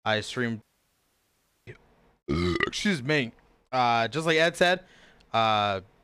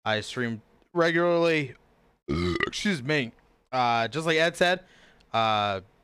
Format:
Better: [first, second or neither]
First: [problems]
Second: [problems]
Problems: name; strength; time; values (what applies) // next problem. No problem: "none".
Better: second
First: audio cutting out; at 0.5 s for 1 s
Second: none